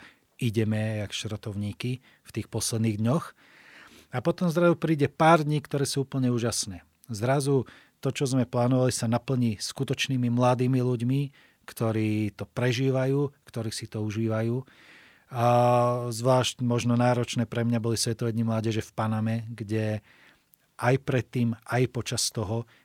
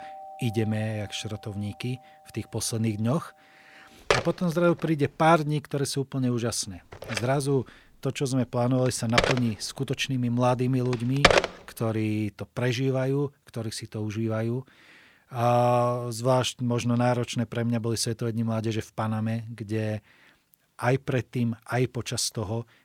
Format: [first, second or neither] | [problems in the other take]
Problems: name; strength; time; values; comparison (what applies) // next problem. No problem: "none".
first | alarms or sirens; very loud; until 12 s; 2 dB above the speech